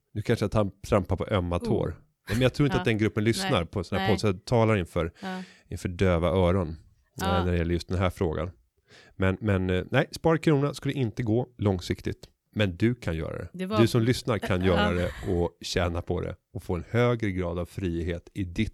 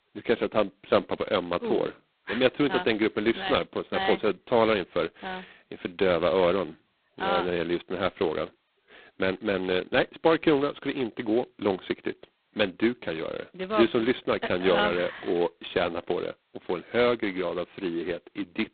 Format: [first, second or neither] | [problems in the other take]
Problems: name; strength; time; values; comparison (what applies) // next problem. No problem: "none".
first | phone-call audio; poor line; nothing above 4 kHz